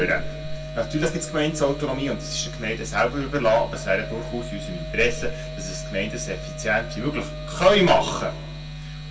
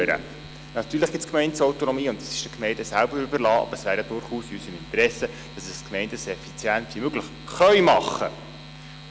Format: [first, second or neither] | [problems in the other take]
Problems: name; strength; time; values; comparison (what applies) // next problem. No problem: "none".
second | background sound (Wind instrument, woodwind instrument); 16 dB below the speech // room echo; dies away in 0.1 s